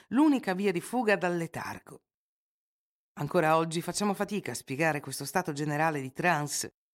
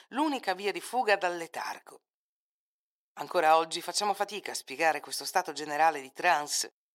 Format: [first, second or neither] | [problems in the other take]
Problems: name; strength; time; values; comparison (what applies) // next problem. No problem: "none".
first | thin; somewhat; fading below 550 Hz